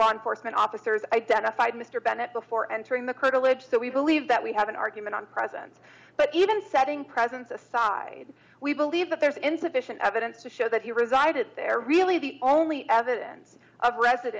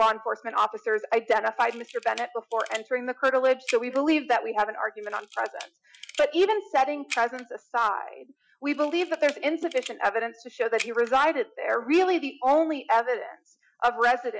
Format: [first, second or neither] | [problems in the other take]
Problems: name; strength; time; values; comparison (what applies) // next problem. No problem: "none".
first | noise reduction (classical method Wiener filter)